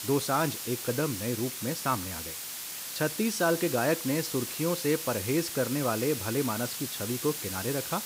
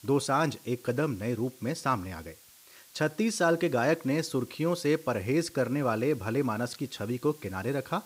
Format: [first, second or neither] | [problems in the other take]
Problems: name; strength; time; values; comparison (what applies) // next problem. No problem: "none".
second | hiss; loud; throughout; 4 dB below the speech; faint in the second